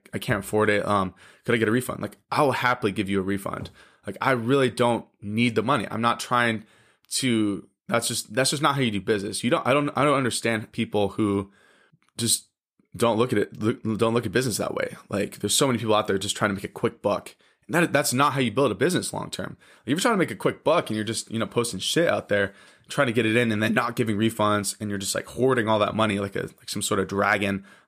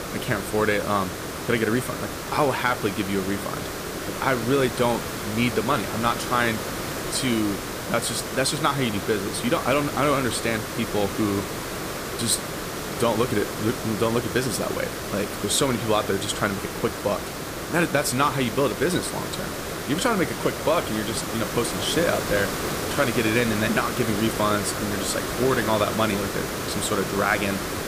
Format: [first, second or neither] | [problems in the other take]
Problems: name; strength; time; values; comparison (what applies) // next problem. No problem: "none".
first | hiss; loud; throughout; 5 dB below the speech